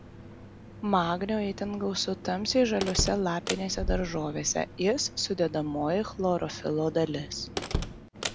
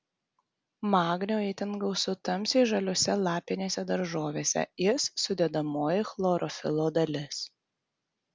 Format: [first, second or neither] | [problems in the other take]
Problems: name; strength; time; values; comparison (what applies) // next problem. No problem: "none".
second | background sound (Slam); 8 dB below the speech